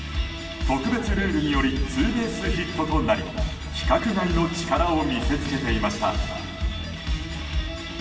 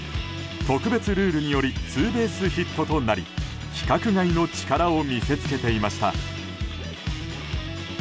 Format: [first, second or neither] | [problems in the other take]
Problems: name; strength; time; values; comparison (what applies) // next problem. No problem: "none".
second | room echo; dies away in 2.3 s